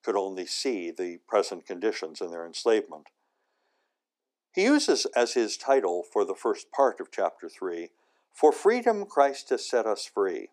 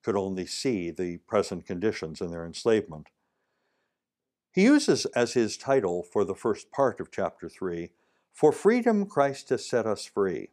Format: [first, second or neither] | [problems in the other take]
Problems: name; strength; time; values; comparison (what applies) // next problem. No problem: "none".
second | thin; somewhat; fading below 300 Hz